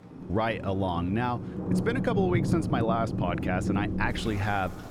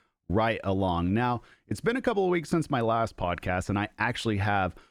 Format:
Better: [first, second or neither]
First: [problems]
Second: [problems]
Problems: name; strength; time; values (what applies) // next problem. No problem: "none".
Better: second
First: rain or running water; loud; throughout; 2 dB below the speech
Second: none